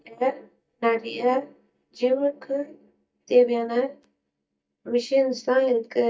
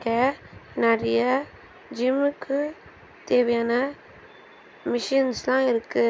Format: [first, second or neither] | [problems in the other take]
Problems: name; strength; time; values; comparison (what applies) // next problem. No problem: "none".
second | noise reduction (neural mask model DeepFilterNet 3)